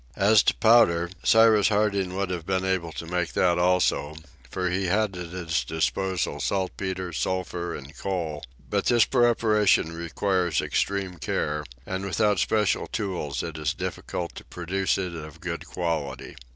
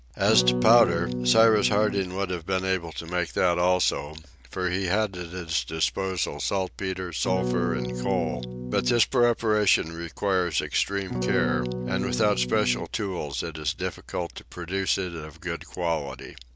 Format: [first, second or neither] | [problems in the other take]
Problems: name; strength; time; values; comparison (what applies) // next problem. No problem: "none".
first | background sound (Electric guitar / Strum); 3 dB below the speech